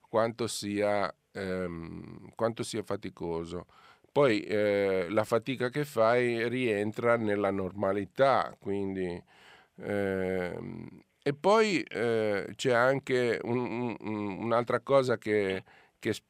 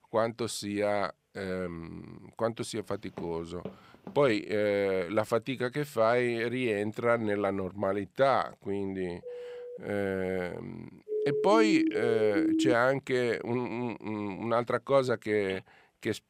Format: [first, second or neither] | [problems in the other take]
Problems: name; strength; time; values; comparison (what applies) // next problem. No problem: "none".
first | footsteps; faint; from 3 to 4.5 s; peak 15 dB below the speech // phone ringing; faint; at 9 s; peak 10 dB below the speech // siren; loud; from 11 to 13 s; peak 3 dB above the speech